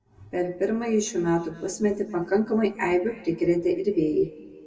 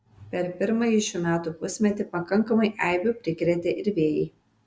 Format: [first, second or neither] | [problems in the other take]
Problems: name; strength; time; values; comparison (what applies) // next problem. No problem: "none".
second | room echo; dies away in 2.1 s